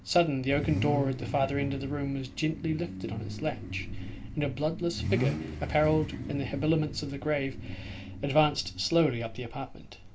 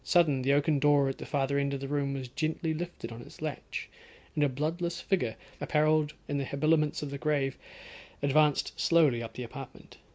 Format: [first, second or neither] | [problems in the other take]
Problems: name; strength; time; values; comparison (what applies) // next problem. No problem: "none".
second | background sound (Idling / Accelerating, revving, vroom / Car); 7 dB below the speech // room echo; dies away in 0.2 s